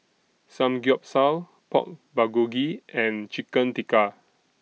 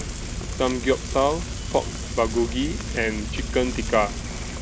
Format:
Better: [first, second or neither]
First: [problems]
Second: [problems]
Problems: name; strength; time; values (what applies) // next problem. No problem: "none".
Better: first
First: none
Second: background sound (Frying (food) + Bus); 4 dB below the speech